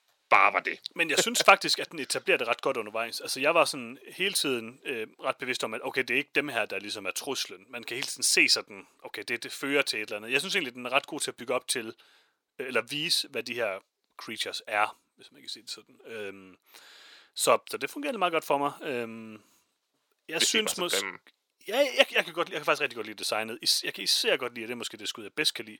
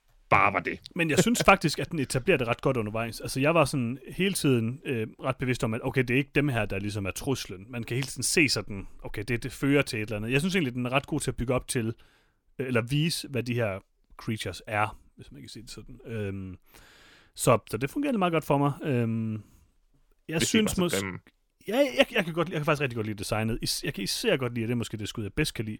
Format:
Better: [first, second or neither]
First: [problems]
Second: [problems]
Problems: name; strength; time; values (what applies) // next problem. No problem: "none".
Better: second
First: thin; somewhat; fading below 450 Hz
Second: none